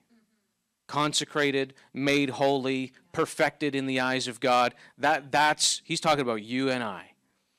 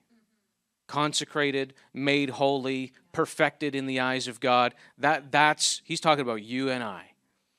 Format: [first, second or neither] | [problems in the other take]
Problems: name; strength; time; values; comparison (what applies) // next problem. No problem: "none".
second | distortion; slight; 1.4% of the sound clipped